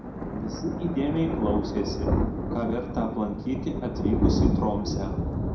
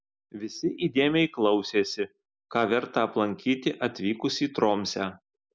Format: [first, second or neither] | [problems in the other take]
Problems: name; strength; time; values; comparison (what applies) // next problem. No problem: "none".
second | background sound (Thunder); 3 dB above the speech // room echo; dies away in 0.5 s